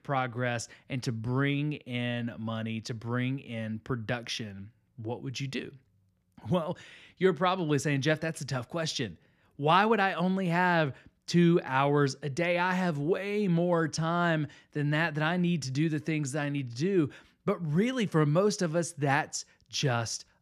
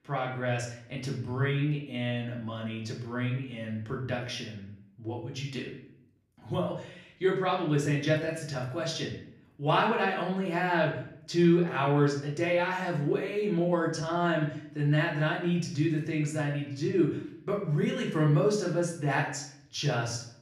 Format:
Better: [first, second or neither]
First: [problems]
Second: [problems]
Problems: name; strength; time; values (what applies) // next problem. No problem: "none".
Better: first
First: none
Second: room echo; slight; dies away in 0.5 s // off-mic speech; far